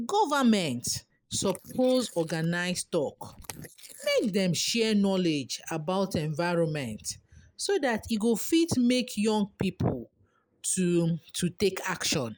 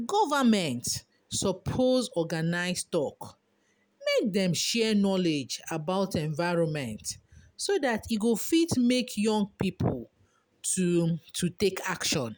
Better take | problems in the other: second | noise reduction (neural mask model Resemble Enhance denoiser)

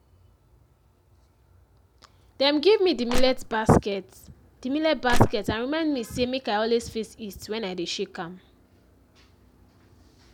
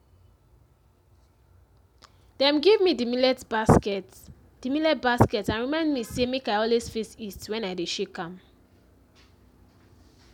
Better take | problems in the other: second | background sound (Crushing); 2 dB above the speech

